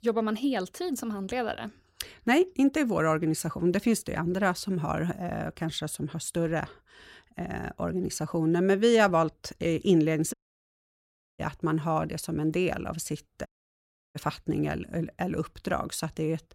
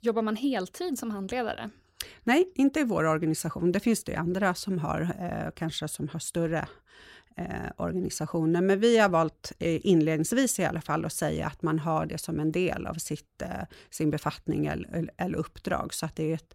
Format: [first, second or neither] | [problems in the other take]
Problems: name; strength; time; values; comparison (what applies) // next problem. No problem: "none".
second | audio cutting out; at 10 s for 1 s and at 13 s for 0.5 s